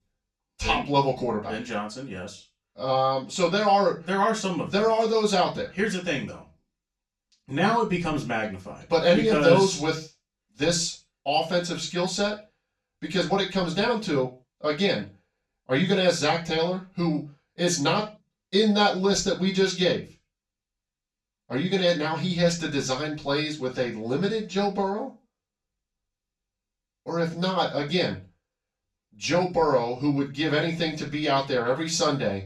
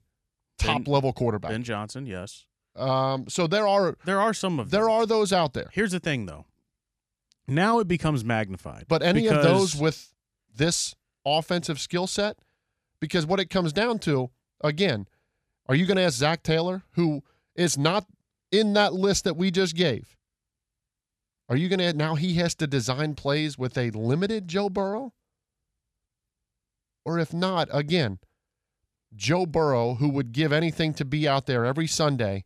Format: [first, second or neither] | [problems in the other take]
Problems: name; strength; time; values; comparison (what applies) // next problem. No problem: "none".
second | room echo; slight; dies away in 0.2 s // off-mic speech; far